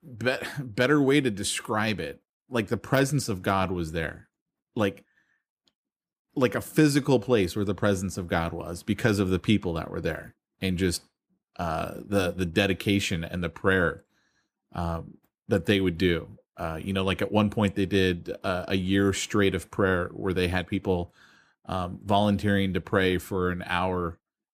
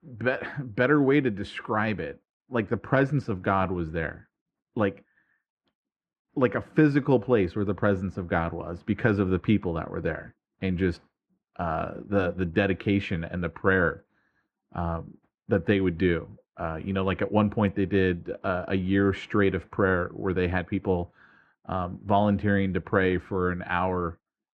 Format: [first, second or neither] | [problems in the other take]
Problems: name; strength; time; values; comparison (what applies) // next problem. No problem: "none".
first | muffled; very; fading above 1.5 kHz